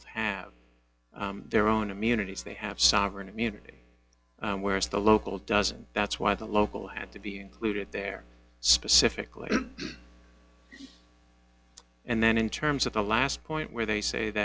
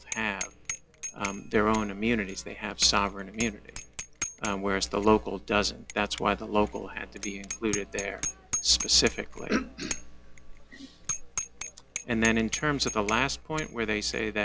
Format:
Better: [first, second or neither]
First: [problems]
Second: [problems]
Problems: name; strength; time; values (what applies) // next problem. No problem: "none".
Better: first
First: none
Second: background sound (Bicycle bell); 10 dB below the speech